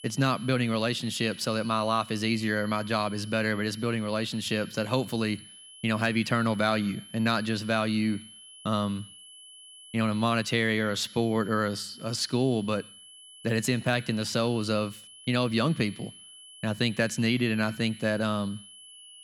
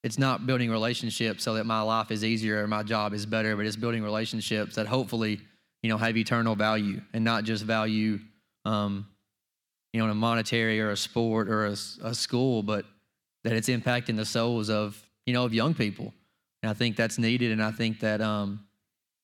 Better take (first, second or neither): second